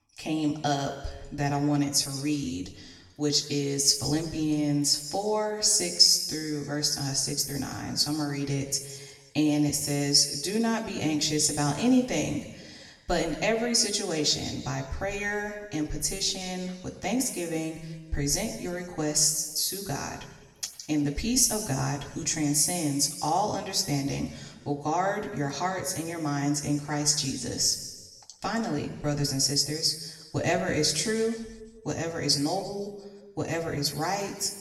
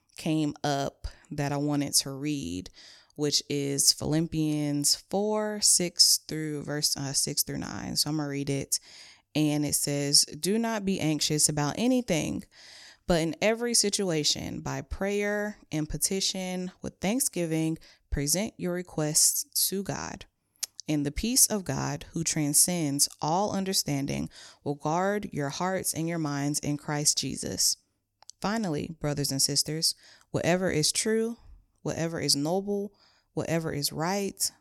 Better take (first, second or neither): second